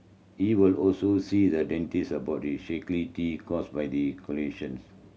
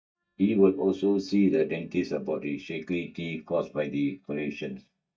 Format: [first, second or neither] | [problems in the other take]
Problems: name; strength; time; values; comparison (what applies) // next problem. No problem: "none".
first | noise reduction (neural mask model DeepFilterNet 3)